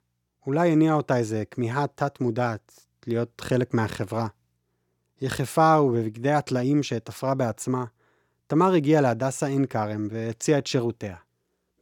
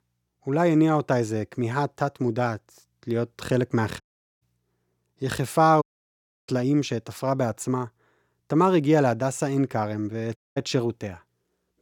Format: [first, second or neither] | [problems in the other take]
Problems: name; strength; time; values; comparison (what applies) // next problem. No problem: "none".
first | audio cutting out; at 4 s, at 6 s for 0.5 s and at 10 s